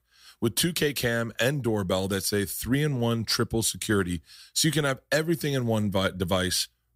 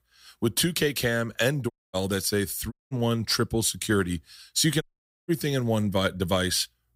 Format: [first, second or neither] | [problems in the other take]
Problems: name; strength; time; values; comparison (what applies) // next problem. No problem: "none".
first | audio cutting out; at 1.5 s, at 2.5 s and at 5 s